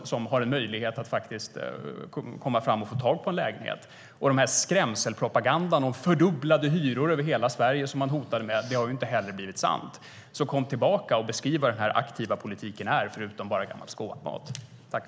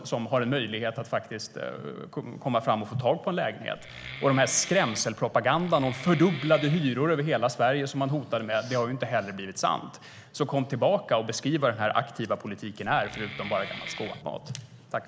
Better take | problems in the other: first | background sound (Wood); 13 dB below the speech

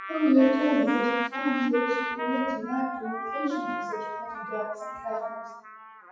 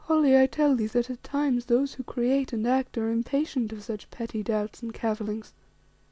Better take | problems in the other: second | noise reduction (classical method WPE with log-MMSE)

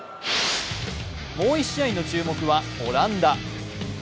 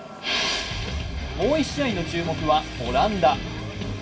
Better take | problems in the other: first | background sound (Fire); 19 dB below the speech // room echo; dies away in 0.1 s

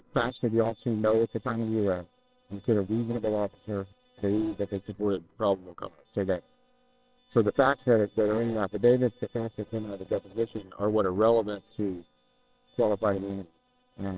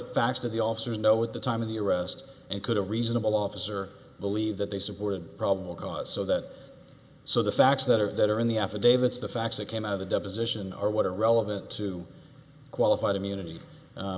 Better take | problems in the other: second | noise reduction (neural separator model SepFormer WHAMR!)

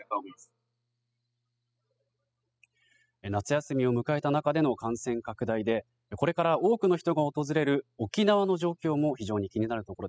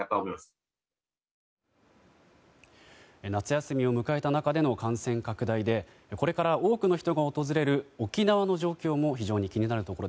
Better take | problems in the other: second | noise reduction (classical method spectral subtraction)

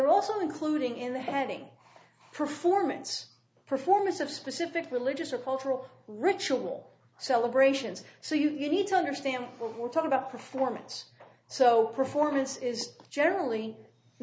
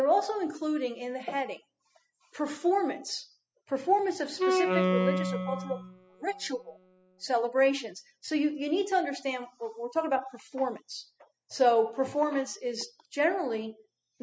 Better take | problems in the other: first | noise reduction (classical method spectral subtraction)

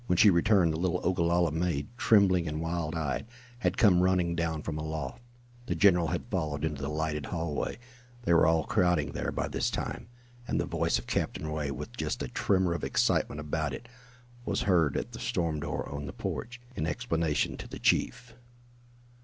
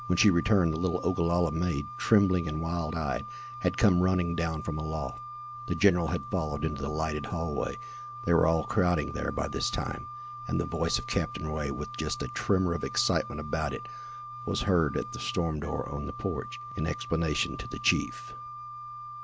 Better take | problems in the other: first | background sound (Wind instrument, woodwind instrument); 12 dB below the speech

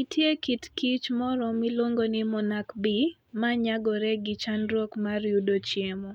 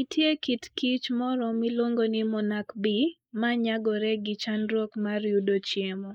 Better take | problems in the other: first | noise reduction (neural mask model Resemble Enhance denoiser)

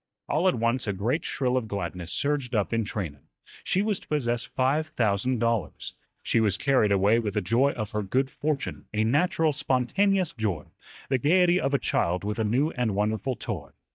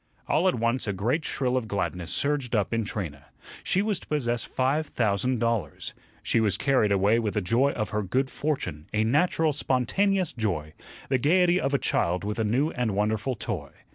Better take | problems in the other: second | noise reduction (neural mask model DeepFilterNet 3)

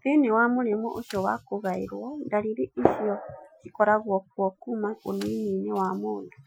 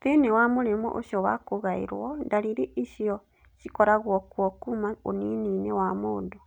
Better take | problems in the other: second | noise reduction (classical method Wiener filter)

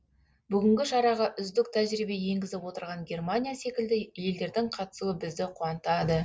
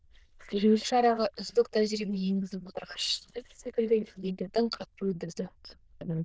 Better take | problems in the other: first | noise reduction (neural diffusion model UNIVERSE++)

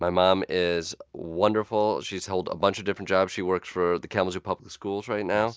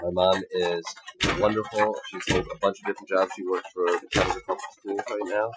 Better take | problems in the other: first | noise reduction (classical method Wiener filter)

